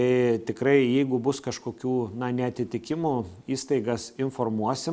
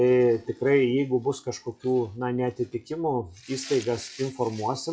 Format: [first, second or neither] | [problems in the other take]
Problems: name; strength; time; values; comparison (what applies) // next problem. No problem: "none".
first | noise reduction (classical method WPE with log-MMSE)